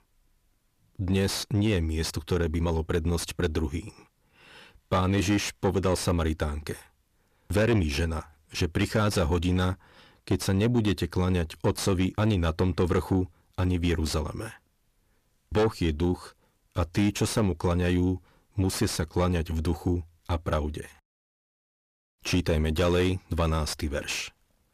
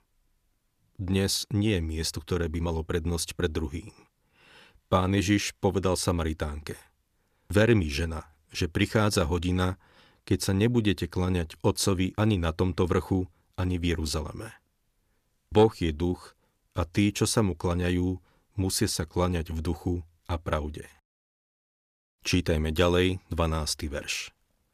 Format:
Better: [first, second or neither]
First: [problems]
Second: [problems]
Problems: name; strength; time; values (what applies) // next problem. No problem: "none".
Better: second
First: distortion; slight; 10 dB below the speech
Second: none